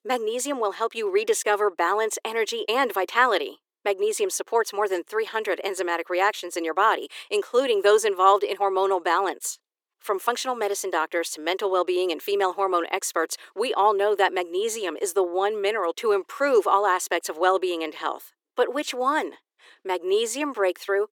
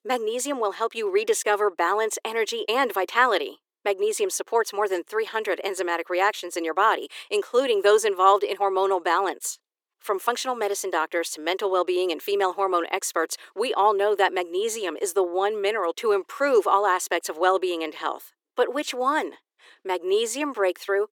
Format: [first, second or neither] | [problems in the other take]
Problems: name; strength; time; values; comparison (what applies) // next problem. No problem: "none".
neither | thin; very; fading below 350 Hz; the same in both